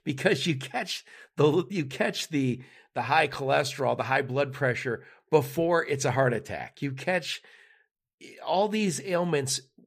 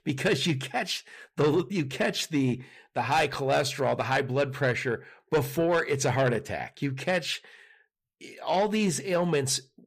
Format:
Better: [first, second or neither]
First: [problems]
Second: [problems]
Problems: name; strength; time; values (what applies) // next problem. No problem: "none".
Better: first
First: none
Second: distortion; slight; 10 dB below the speech